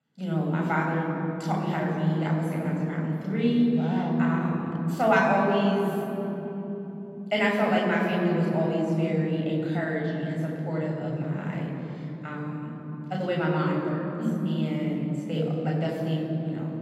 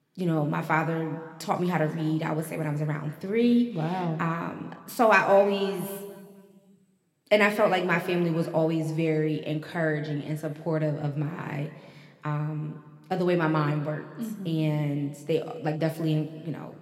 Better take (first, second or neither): second